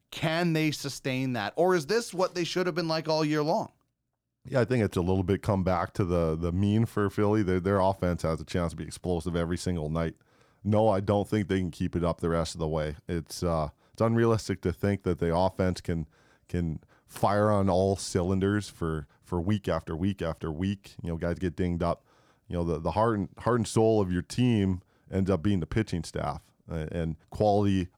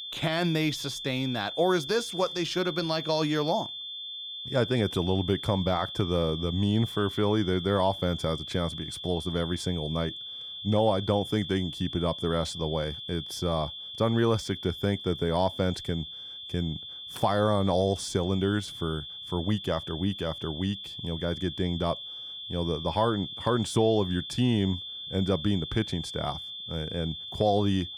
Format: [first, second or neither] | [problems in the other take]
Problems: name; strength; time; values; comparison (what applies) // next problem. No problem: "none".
first | high-pitched whine; loud; throughout; 3.5 kHz, 8 dB below the speech